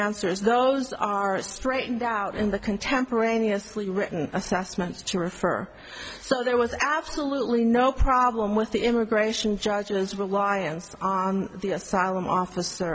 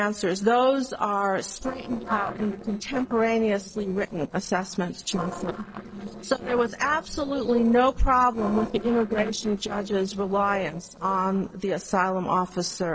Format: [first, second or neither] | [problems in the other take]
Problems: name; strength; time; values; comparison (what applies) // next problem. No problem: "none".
first | noise reduction (neural separator model SepFormer DNS4)